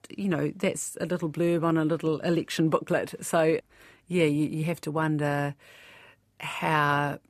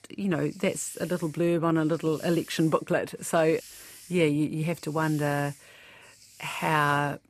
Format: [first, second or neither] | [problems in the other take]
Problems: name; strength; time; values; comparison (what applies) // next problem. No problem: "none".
first | hiss; faint; throughout; 20 dB below the speech